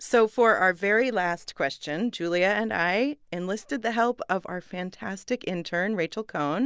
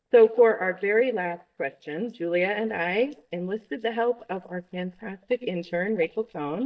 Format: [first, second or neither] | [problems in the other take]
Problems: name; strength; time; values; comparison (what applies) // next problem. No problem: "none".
first | noise reduction (neural mask model DeepFilterNet 3)